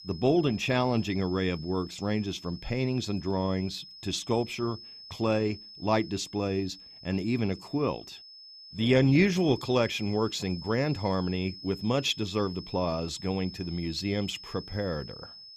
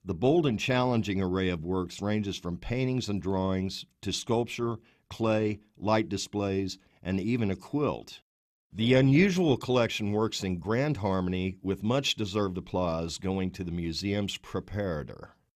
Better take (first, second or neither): second